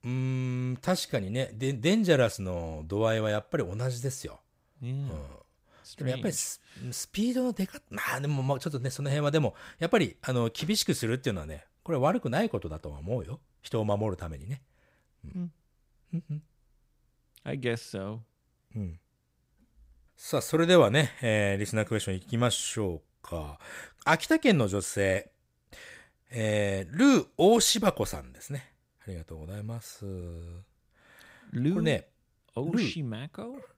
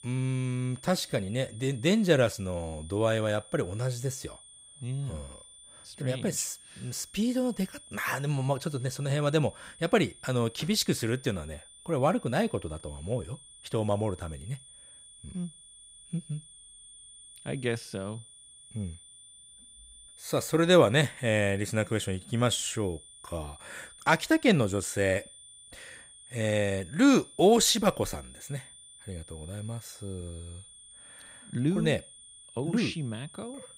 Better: first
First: none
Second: high-pitched whine; faint; throughout; 9 kHz, 20 dB below the speech

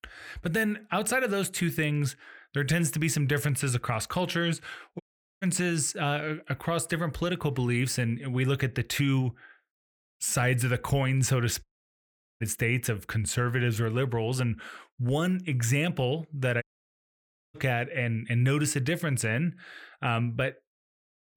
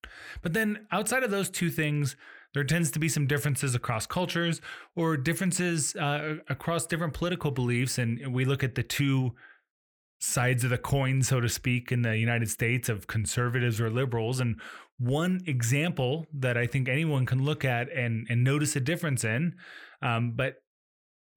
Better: second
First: audio cutting out; at 5 s, at 12 s for 1 s and at 17 s for 1 s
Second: none

